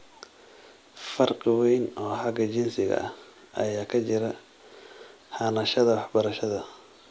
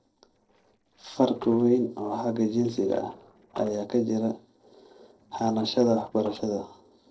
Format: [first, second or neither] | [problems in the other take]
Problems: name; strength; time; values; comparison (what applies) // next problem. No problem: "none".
first | noise reduction (neural separator model SepFormer DNS4)